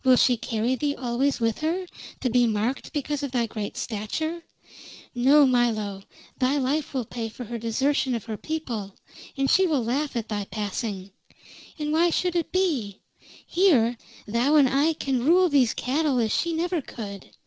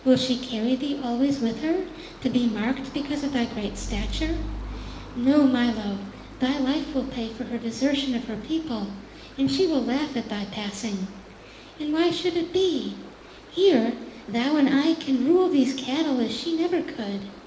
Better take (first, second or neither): first